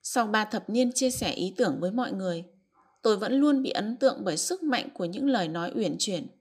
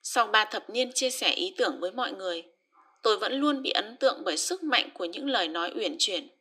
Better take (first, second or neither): first